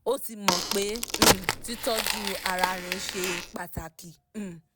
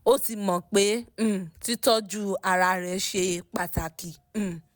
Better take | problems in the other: second | background sound (Crack); 5 dB above the speech

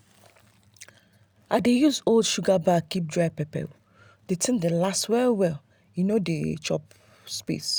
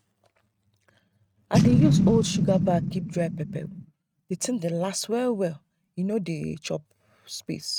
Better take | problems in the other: first | noise reduction (neural mask model RNNoise)

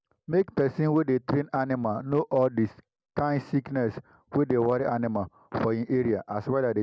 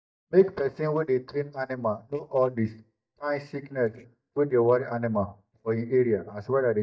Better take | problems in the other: first | noise reduction (neural mask model DeepFilterNet 3)

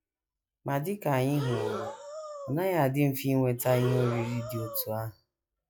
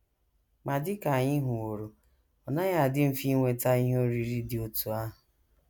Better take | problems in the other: second | noise reduction (classical method log-MMSE)

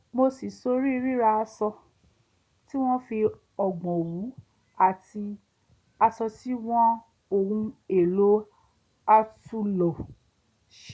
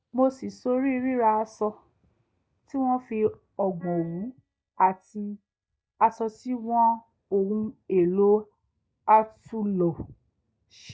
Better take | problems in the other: first | noise reduction (neural mask model DeepFilterNet 3)

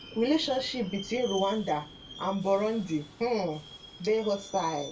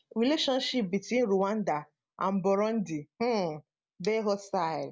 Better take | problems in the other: second | background sound (Subway, metro, underground); 16 dB below the speech // room echo; dies away in 0.2 s

